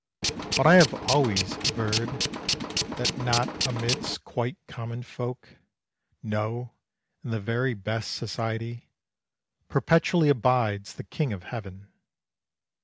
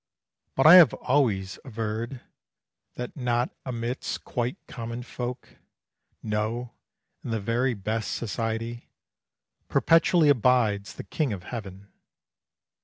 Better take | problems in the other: second | background sound (Tools); 2 dB below the speech

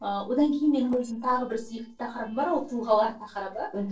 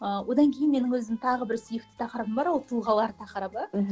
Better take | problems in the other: second | noise reduction (neural separator model SepFormer DNS4)

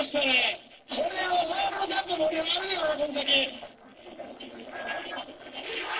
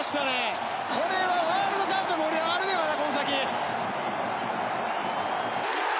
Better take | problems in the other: second | noise reduction (neural separator model SepFormer DNS4)

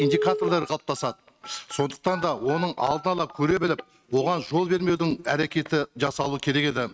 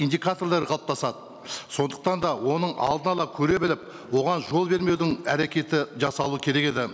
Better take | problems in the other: second | noise reduction (neural mask model RNNoise)

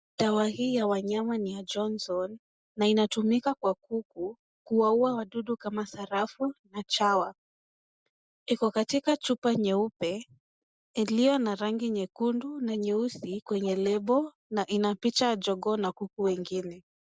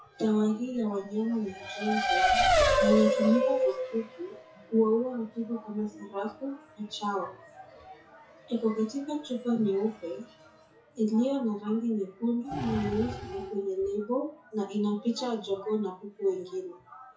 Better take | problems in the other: first | noise reduction (classical method WPE with log-MMSE)

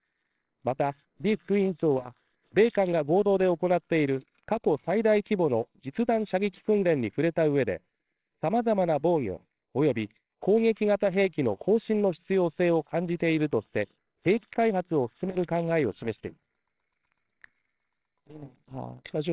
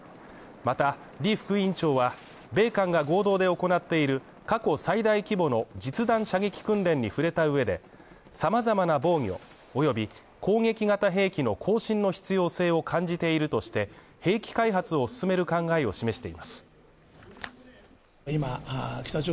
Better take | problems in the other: second | noise reduction (neural separator model SepFormer WHAMR!)

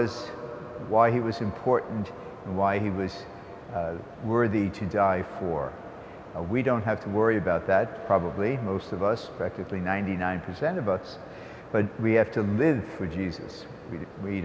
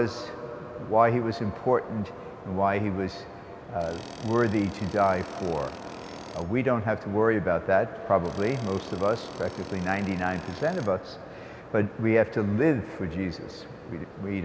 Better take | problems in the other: first | background sound (Tools); 16 dB below the speech

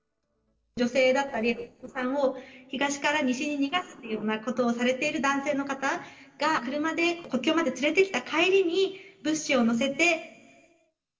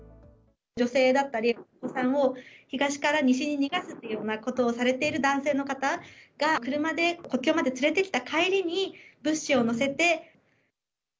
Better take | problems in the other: second | noise reduction (neural separator model SepFormer DNS4)

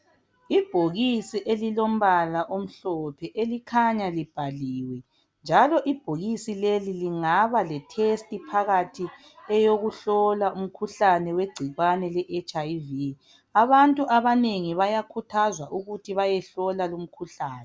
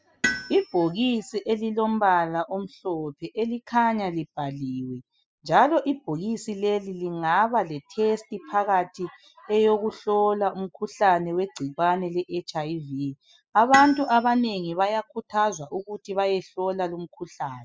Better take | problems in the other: first | noise reduction (classical method spectral subtraction)

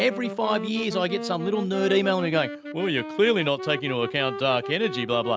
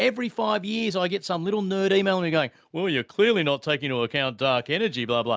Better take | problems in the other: second | background sound (Wind instrument, woodwind instrument); 10 dB below the speech

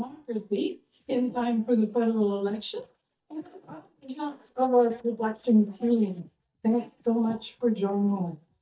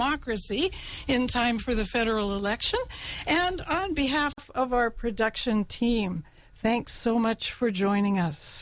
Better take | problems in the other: second | noise reduction (neural mask model DeepFilterNet 3)

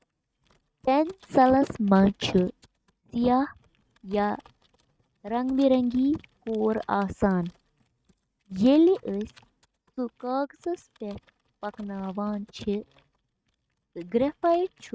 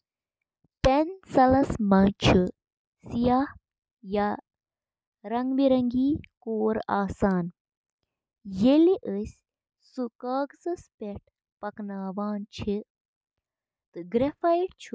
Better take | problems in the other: second | noise reduction (neural mask model RNNoise)

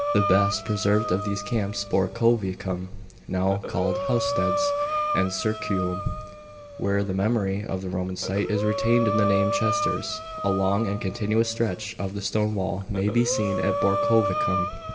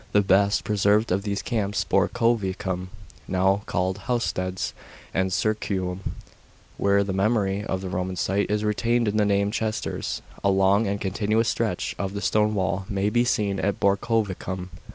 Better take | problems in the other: second | background sound (Breathing); 4 dB below the speech // room echo; dies away in 2.9 s

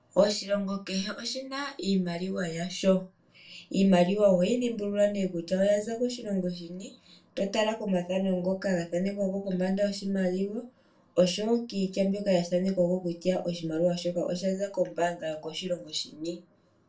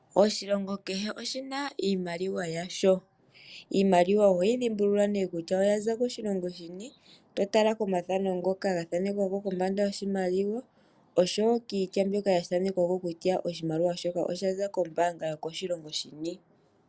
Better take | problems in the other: second | room echo; dies away in 0.2 s

